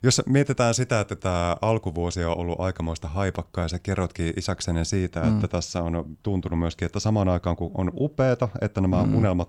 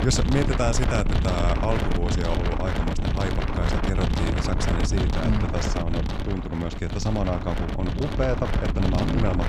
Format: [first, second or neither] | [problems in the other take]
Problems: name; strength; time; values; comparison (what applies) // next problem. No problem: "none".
first | wind noise on the microphone; heavy; 1 dB below the speech